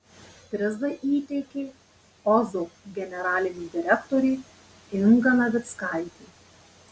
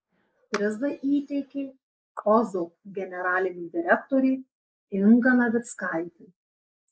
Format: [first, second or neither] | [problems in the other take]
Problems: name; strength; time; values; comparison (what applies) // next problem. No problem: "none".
first | noise reduction (neural mask model Resemble Enhance denoiser)